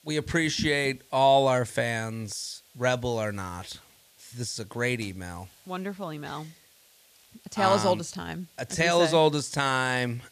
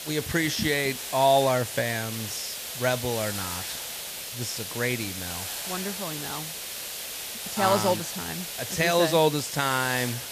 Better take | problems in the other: first | hiss; loud; throughout; 6 dB below the speech; faint in the first

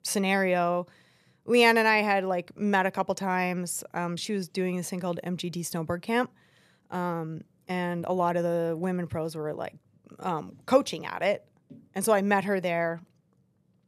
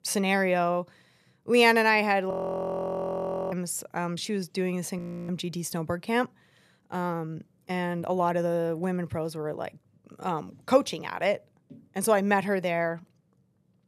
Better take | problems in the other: first | audio freezing; at 2.5 s for 1 s and at 5 s

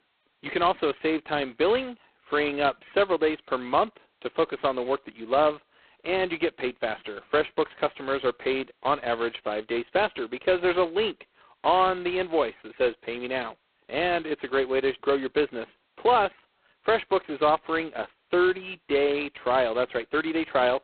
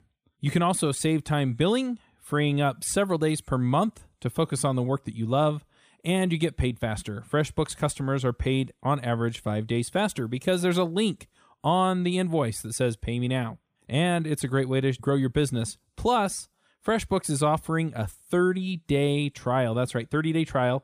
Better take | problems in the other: second | phone-call audio; poor line; nothing above 4 kHz

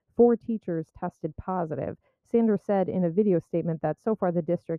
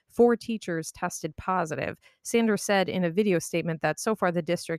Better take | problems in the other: second | muffled; very; fading above 2 kHz

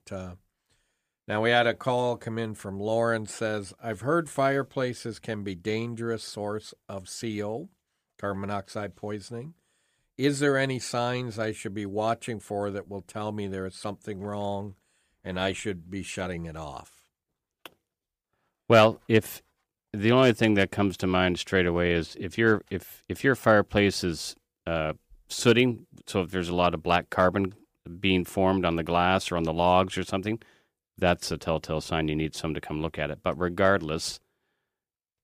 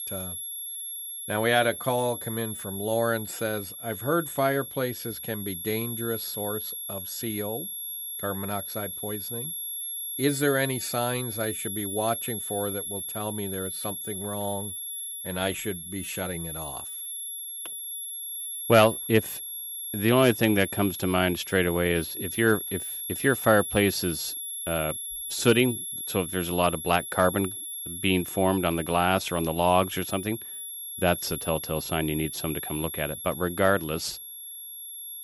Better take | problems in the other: first | high-pitched whine; loud; throughout; 11.5 kHz, 6 dB below the speech

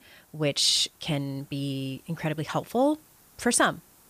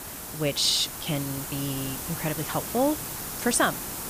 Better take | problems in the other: first | hiss; loud; throughout; 6 dB below the speech; faint in the first

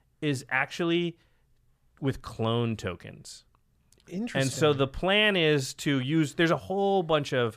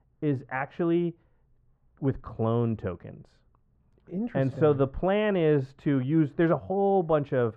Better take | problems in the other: first | muffled; very; fading above 3 kHz

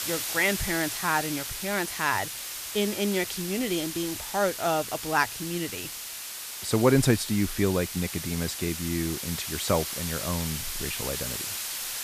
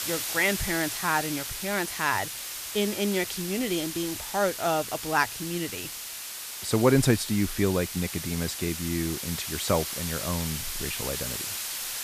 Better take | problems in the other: neither | hiss; loud; throughout; 4 dB below the speech; the same in both

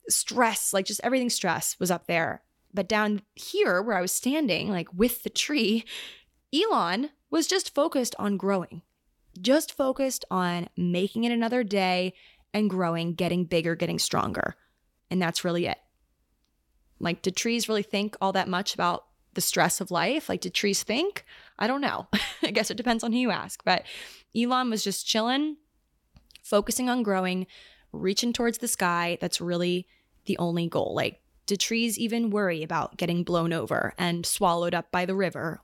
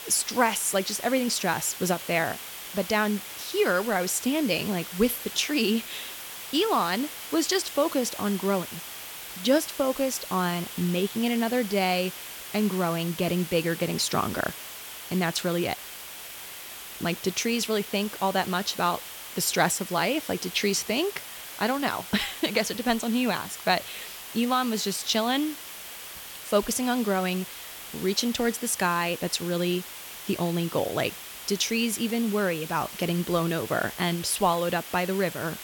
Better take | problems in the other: first | hiss; noticeable; throughout; 10 dB below the speech

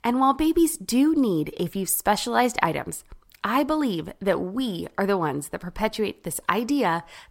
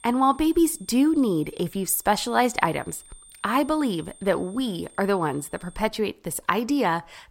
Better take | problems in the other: first | high-pitched whine; faint; until 6 s; 9 kHz, 25 dB below the speech

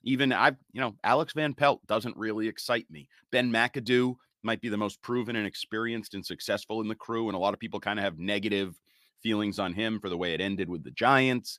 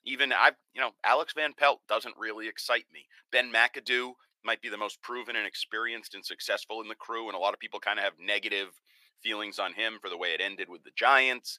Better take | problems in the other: first | thin; very; fading below 500 Hz

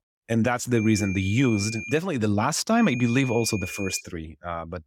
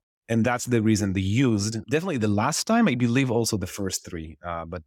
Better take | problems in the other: second | high-pitched whine; noticeable; from 0.5 to 2 s and from 3 to 4 s; 2.5 kHz, 10 dB below the speech

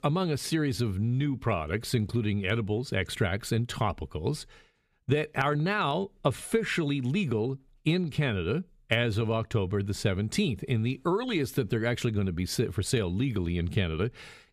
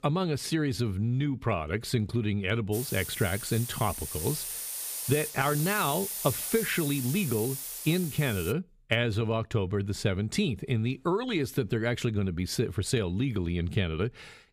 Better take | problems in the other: first | hiss; loud; from 2.5 to 8.5 s; 5 dB below the speech

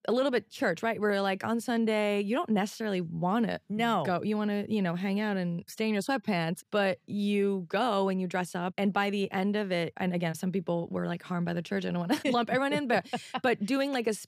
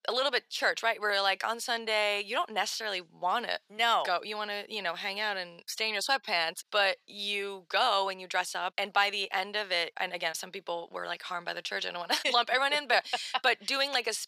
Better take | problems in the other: first | thin; very; fading below 850 Hz

